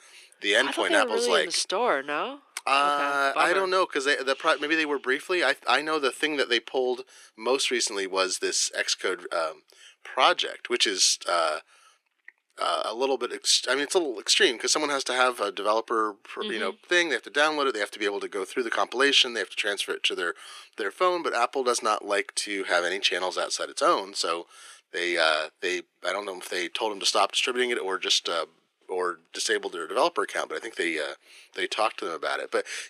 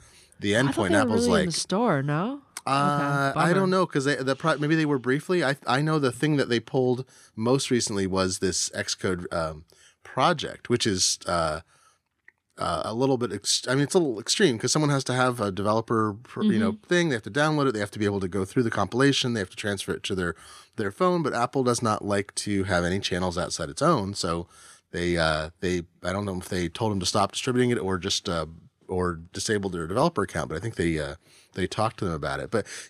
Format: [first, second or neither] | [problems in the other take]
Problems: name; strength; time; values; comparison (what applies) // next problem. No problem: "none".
second | thin; very; fading below 350 Hz